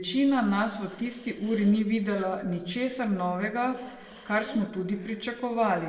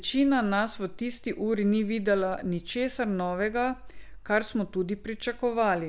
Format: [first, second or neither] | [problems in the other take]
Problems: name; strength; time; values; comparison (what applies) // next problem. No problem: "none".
second | noise reduction (neural separator model SepFormer DNS4)